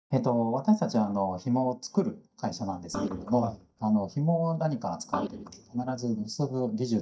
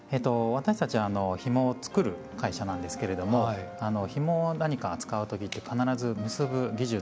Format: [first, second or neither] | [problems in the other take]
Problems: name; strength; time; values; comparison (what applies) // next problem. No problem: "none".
second | noise reduction (neural mask model DeepFilterNet 3)